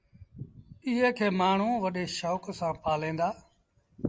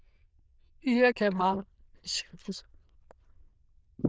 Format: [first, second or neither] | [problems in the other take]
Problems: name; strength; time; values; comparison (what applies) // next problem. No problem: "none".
first | noise reduction (neural diffusion model UNIVERSE++)